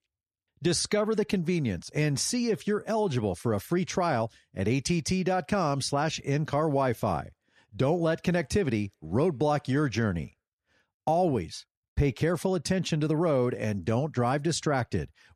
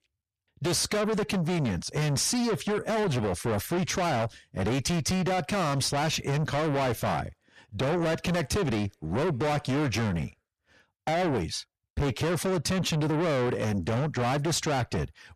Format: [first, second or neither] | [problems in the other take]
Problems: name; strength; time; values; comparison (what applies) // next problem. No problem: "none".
first | distortion; heavy; 6 dB below the speech